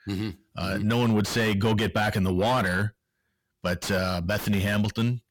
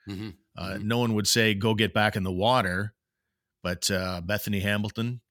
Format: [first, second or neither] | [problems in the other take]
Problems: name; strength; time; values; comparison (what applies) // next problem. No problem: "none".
second | distortion; heavy; 5 dB below the speech